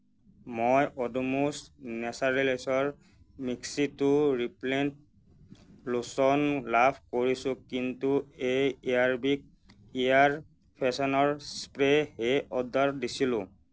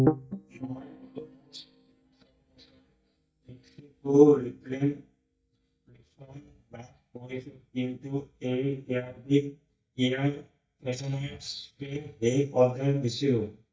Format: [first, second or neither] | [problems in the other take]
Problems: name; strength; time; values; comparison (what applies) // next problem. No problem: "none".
first | noise reduction (neural mask model DeepFilterNet 3)